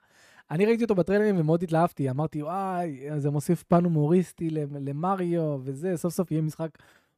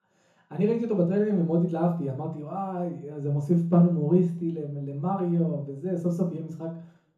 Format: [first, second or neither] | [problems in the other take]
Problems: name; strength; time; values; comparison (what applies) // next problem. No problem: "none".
first | room echo; slight; dies away in 0.6 s // off-mic speech; far